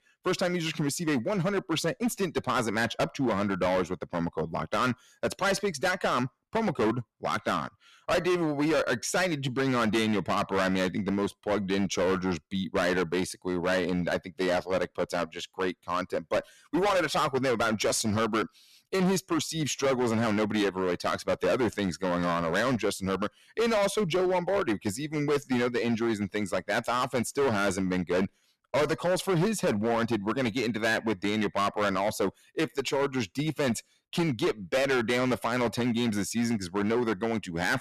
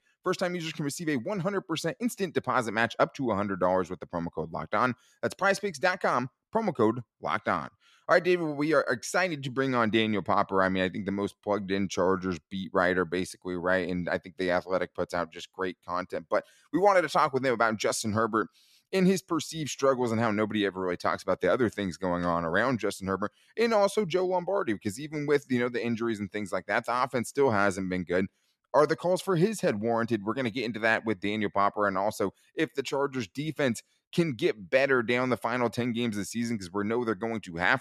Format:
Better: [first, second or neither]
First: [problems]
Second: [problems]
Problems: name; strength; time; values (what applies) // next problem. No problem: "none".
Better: second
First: distortion; heavy; 15% of the sound clipped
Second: none